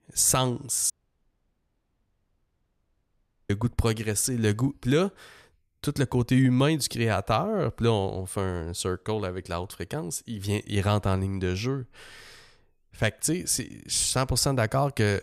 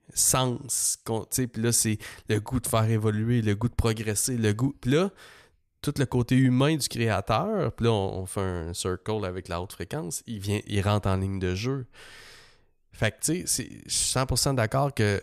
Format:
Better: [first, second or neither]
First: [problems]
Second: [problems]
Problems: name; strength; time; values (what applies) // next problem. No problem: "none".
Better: second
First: audio cutting out; at 1 s for 2.5 s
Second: none